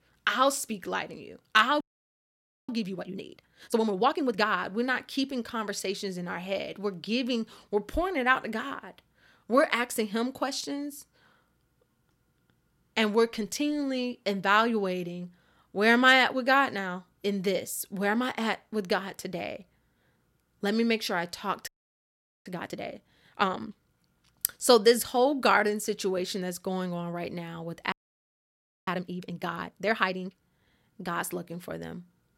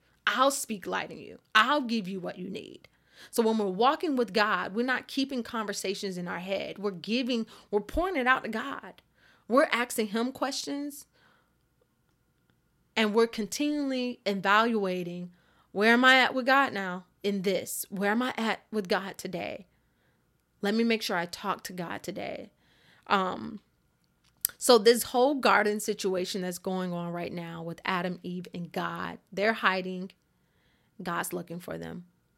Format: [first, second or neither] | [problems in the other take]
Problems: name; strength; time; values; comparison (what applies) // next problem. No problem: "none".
second | audio freezing; at 2 s for 1 s, at 22 s for 1 s and at 28 s for 1 s